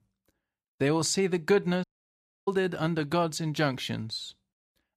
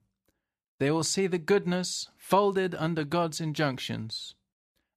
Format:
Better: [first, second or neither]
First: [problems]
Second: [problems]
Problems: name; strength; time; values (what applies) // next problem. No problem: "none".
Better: second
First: audio cutting out; at 2 s for 0.5 s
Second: none